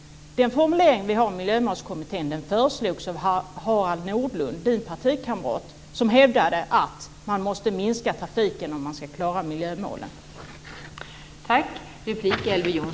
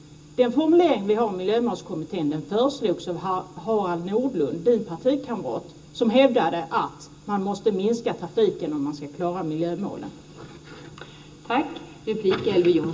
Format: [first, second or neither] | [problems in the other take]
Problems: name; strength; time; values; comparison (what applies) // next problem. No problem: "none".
first | room echo; dies away in 0.2 s